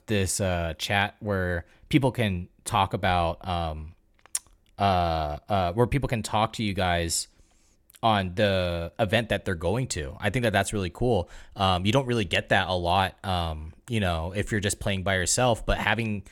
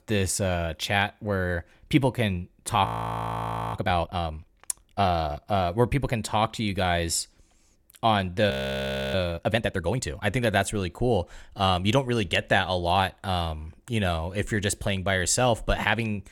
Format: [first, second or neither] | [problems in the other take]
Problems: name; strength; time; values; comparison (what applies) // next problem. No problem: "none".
first | audio freezing; at 3 s for 1 s and at 8.5 s for 0.5 s